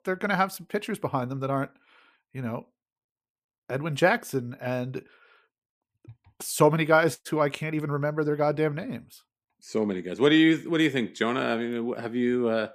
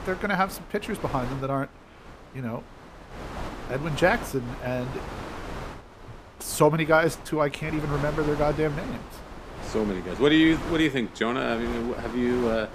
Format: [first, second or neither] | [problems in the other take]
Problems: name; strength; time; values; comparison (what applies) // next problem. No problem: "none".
first | wind noise on the microphone; occasional gusts; 10 dB below the speech